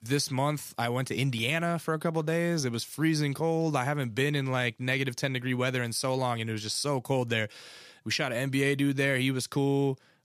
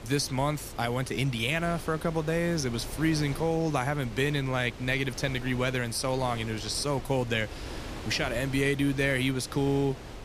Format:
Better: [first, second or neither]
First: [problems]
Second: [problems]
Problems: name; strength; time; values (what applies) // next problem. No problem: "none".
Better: first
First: none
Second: wind noise on the microphone; occasional gusts; 15 dB below the speech